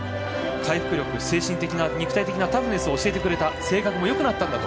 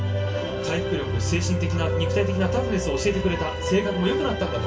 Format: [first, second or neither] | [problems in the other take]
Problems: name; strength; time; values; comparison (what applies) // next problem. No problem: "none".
first | background sound (Bowed string instrument); 4 dB below the speech // room echo; dies away in 0.2 s